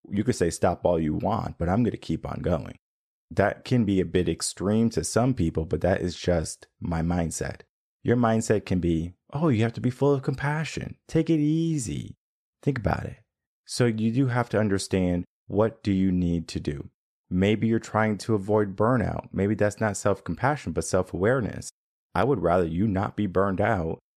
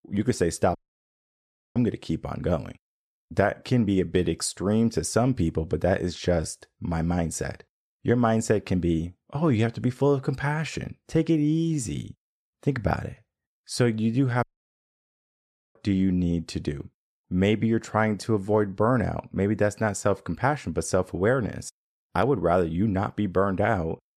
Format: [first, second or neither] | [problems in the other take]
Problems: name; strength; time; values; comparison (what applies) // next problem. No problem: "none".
first | audio cutting out; at 1 s for 1 s and at 14 s for 1.5 s